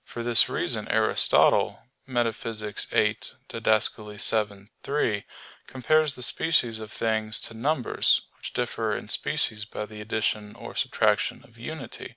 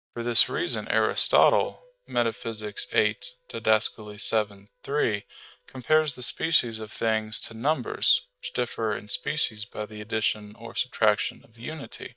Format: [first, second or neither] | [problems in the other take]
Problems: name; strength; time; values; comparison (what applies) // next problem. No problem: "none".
first | noise reduction (neural mask model DeepFilterNet 3)